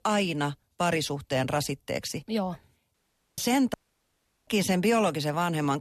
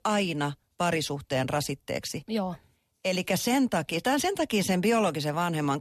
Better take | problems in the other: second | audio cutting out; at 3 s and at 3.5 s for 0.5 s

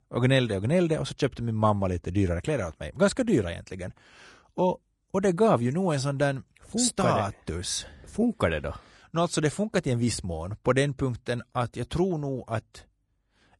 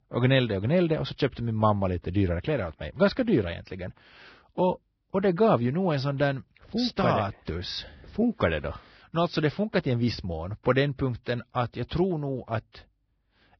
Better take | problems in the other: first | garbled, watery; badly; nothing above 5.5 kHz; slightly in the first

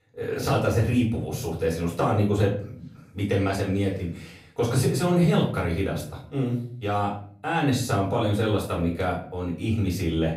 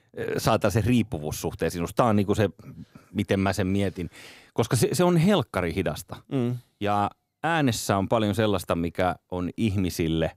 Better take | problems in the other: second | off-mic speech; far // room echo; slight; dies away in 0.5 s

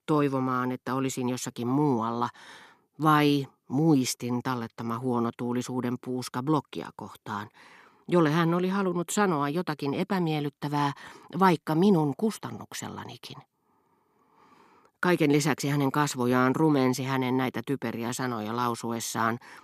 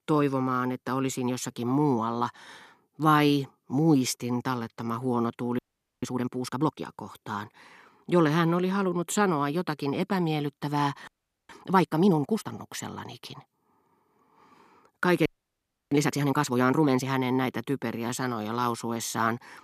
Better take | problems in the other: first | audio freezing; at 5.5 s, at 11 s and at 15 s for 0.5 s

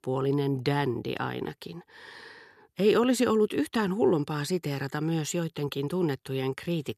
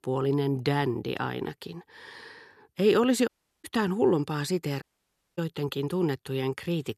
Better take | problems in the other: first | audio cutting out; at 3.5 s and at 5 s for 0.5 s

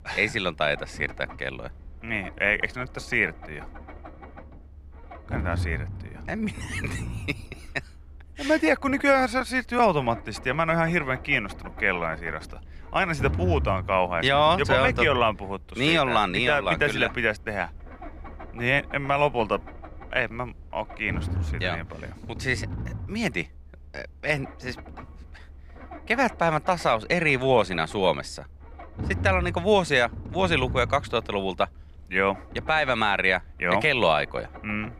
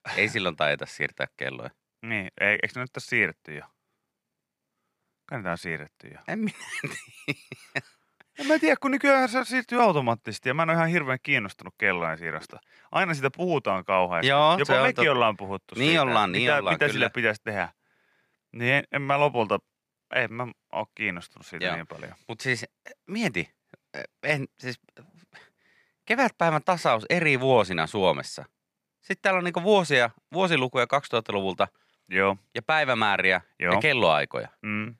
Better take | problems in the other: second | low rumble; faint; throughout; 20 dB below the speech

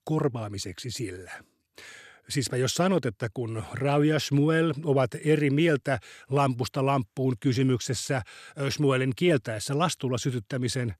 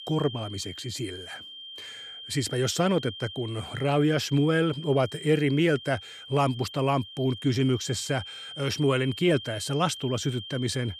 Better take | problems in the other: first | high-pitched whine; noticeable; throughout; 3 kHz, 10 dB below the speech

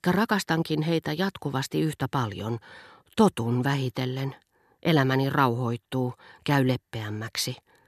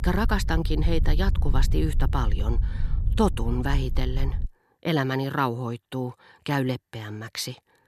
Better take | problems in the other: first | low rumble; noticeable; until 4.5 s; 15 dB below the speech

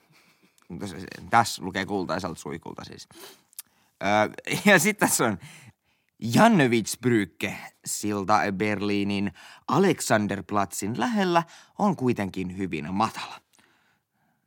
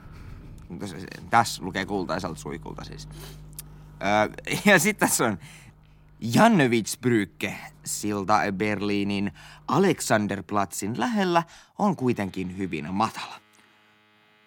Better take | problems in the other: first | household noises; faint; throughout; 25 dB below the speech

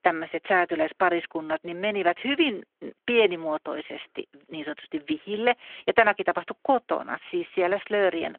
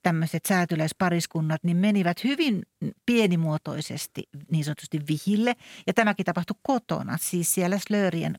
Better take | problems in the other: second | phone-call audio

